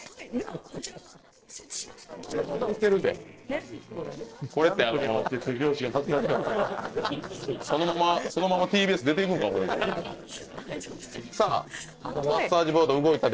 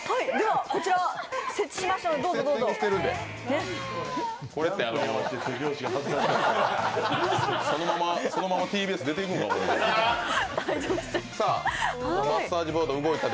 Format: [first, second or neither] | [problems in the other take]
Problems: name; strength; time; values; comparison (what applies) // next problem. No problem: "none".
second | noise reduction (neural separator model SepFormer DNS4)